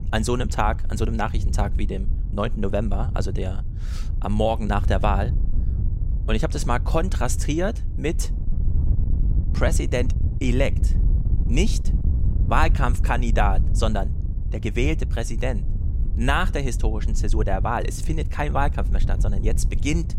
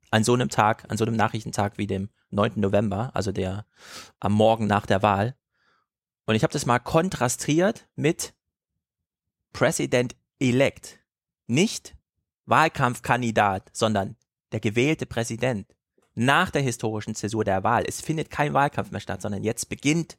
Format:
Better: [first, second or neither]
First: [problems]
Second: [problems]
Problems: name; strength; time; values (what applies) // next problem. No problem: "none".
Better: second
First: wind noise on the microphone; occasional gusts; 15 dB below the speech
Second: none